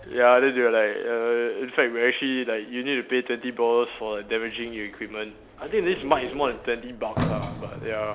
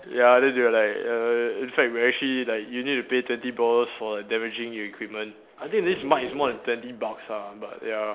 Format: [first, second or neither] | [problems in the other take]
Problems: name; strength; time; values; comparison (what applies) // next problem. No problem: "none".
second | background sound (Sliding door); 14 dB below the speech